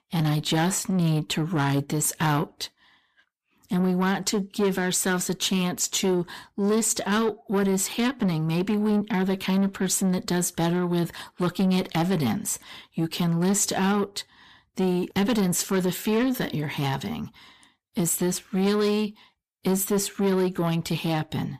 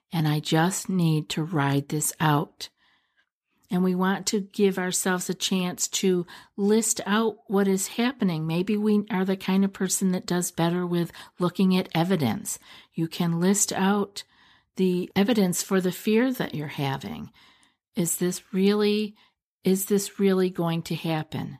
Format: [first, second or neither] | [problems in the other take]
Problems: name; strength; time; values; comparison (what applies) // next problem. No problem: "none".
second | distortion; slight; 10 dB below the speech